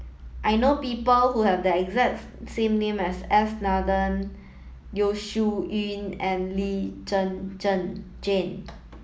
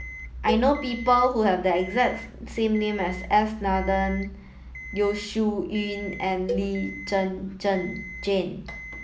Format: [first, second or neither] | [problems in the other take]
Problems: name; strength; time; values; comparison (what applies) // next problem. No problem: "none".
first | background sound (Cowbell + Alarm); 13 dB below the speech